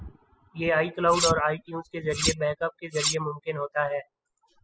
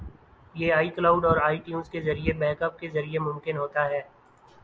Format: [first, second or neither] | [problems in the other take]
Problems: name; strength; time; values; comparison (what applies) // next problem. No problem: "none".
second | noise reduction (classical method spectral subtraction)